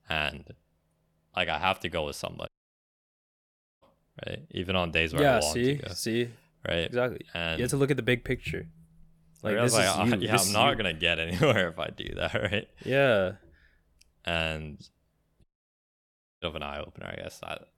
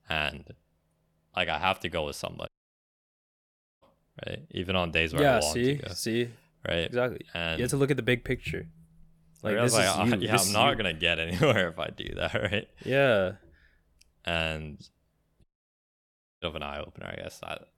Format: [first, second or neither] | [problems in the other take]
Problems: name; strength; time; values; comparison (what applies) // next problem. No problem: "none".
neither | audio cutting out; at 2.5 s for 1.5 s and at 15 s for 1 s; the same in both